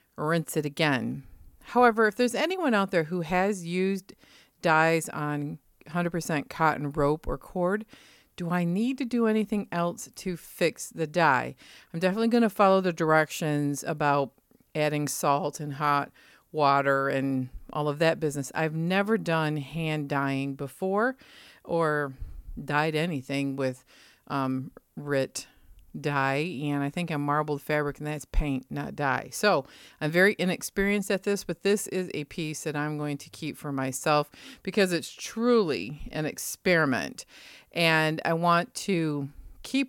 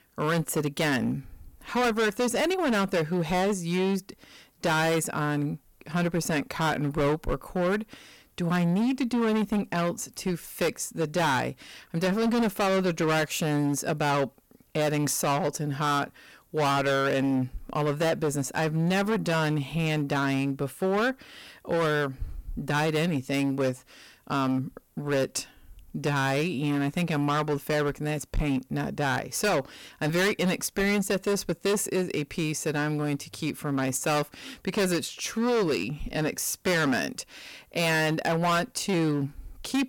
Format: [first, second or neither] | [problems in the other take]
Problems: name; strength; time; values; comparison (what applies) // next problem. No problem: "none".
first | distortion; heavy; 16% of the sound clipped